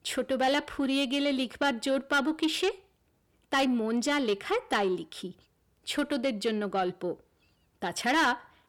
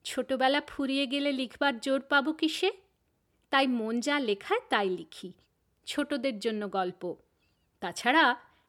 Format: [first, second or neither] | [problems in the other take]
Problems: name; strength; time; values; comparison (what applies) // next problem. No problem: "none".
second | distortion; slight; 10 dB below the speech